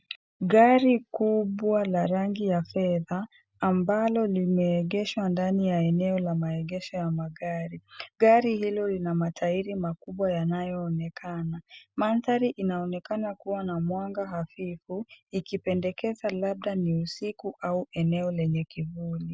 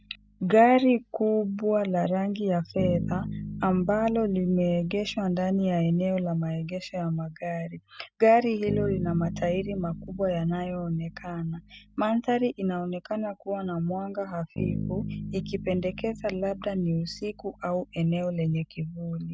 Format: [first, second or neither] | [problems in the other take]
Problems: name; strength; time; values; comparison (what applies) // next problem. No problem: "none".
first | background sound (Bass guitar); 12 dB below the speech